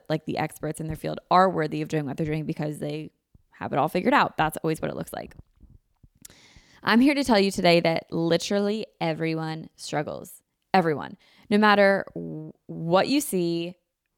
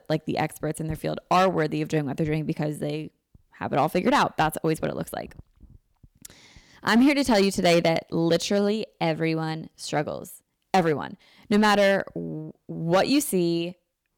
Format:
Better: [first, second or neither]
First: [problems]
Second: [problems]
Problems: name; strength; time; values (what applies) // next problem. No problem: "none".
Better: first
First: none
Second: distortion; slight; 3% of the sound clipped